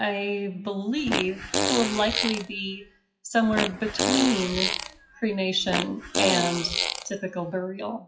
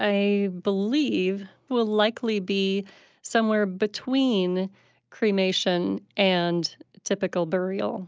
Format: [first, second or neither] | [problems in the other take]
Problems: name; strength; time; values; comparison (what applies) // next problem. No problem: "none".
second | noise reduction (classical method WPE with log-MMSE)